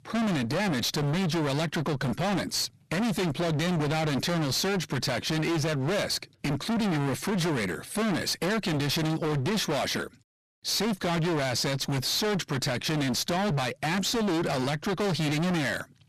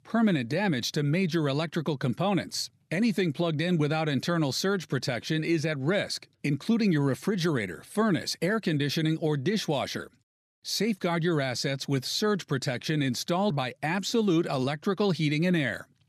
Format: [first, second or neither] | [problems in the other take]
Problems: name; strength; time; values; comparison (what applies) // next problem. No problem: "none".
second | distortion; heavy; 43% of the sound clipped